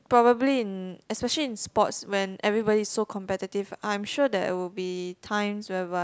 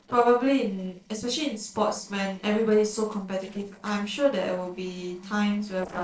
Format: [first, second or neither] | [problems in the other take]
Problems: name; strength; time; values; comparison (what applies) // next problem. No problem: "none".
first | noise reduction (neural separator model SepFormer DNS4)